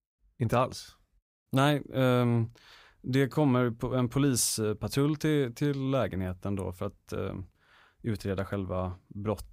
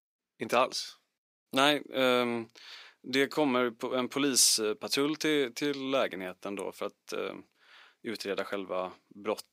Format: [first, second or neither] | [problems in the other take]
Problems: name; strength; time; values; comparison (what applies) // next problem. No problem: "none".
first | thin; somewhat; fading below 300 Hz